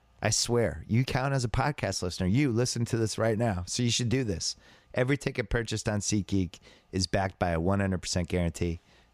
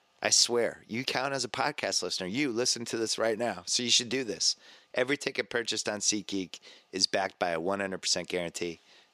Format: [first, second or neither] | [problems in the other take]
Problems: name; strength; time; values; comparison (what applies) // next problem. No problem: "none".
first | thin; somewhat; fading below 350 Hz